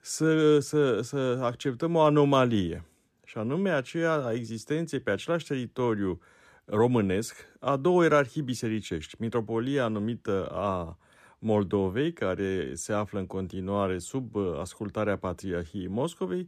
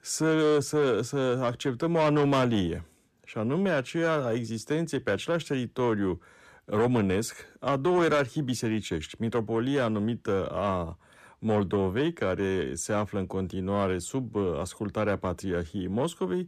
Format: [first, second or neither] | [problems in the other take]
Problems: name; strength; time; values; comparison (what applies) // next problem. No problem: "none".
first | distortion; slight; 10 dB below the speech